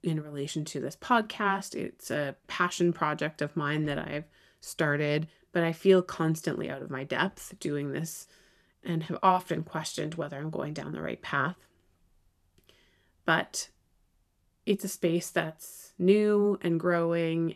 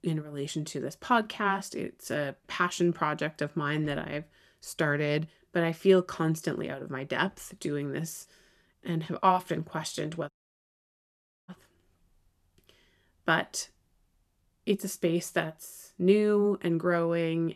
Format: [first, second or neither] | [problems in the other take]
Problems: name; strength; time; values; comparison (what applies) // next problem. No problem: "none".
first | audio cutting out; at 10 s for 1 s